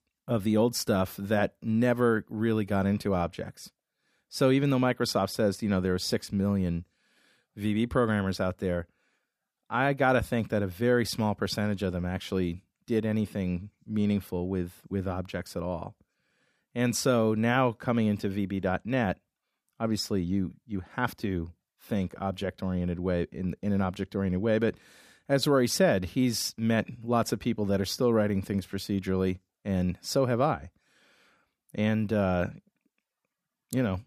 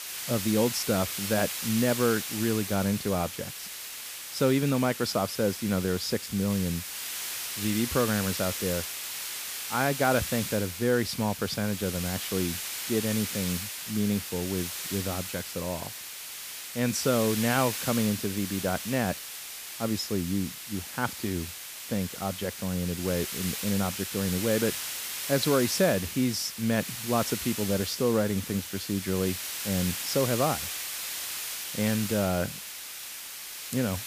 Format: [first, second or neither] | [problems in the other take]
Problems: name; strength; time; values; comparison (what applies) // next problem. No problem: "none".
first | hiss; loud; throughout; 5 dB below the speech